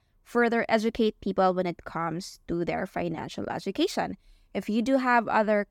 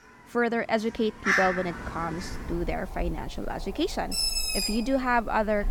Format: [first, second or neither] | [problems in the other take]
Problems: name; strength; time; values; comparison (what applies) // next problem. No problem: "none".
first | animal sounds; loud; throughout; 1 dB below the speech